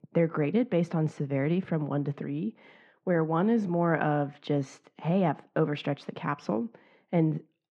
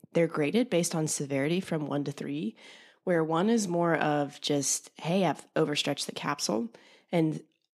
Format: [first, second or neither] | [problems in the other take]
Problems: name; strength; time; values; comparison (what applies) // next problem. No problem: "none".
second | muffled; very; fading above 1.5 kHz